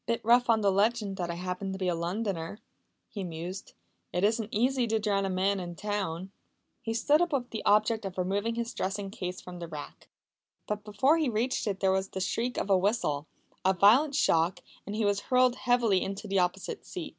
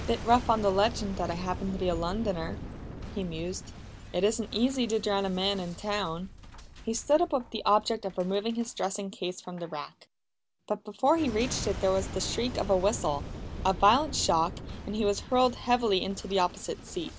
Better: first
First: none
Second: background sound (Boom); 11 dB below the speech

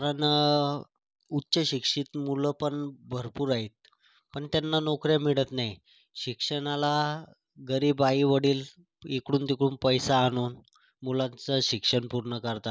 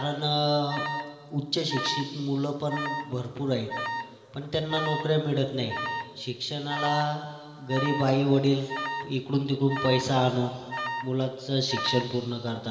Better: first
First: none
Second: background sound (Alarm); 9 dB below the speech // room echo; dies away in 2.1 s

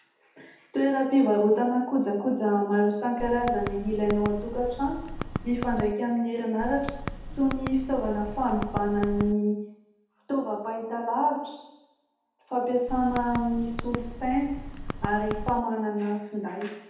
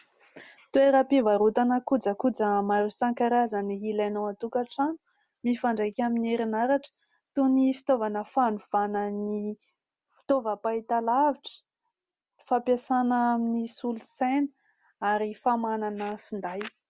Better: second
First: background sound (Typing); 8 dB below the speech // room echo; dies away in 0.8 s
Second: none

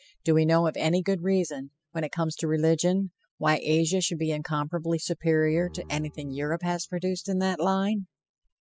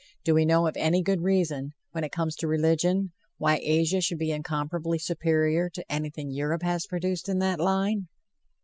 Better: second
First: noise reduction (classical method spectral subtraction)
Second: none

